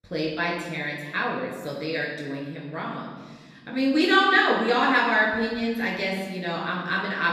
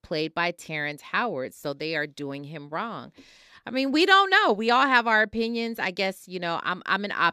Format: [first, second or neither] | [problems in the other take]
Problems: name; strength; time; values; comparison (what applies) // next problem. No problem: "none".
second | off-mic speech; far // room echo; noticeable; dies away in 1.4 s